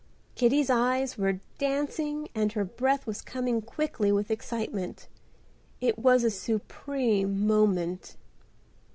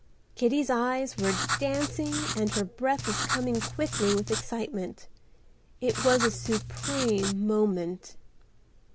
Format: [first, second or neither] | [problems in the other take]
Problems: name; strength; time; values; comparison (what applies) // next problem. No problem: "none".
first | background sound (Writing); 4 dB below the speech